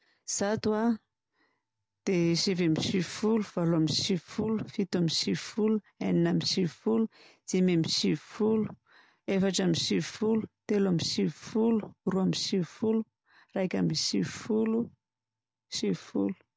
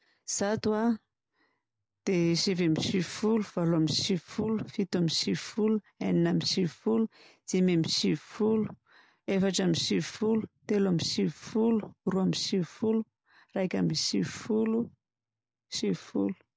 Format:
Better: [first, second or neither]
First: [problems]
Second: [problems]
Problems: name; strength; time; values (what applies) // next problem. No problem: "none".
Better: first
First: none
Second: noise reduction (neural mask model Resemble Enhance denoiser)